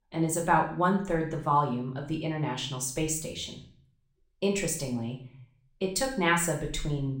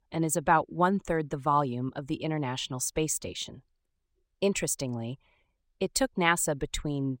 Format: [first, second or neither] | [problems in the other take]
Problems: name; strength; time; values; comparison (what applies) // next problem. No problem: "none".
second | room echo; slight; dies away in 0.5 s // off-mic speech; somewhat distant